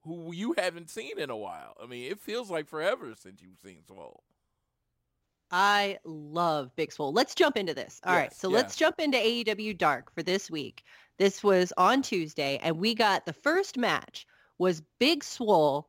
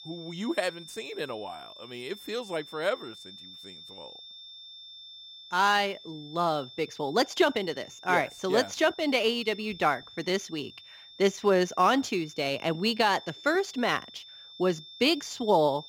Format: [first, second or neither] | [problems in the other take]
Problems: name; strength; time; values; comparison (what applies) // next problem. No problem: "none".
first | high-pitched whine; noticeable; throughout; 3.5 kHz, 20 dB below the speech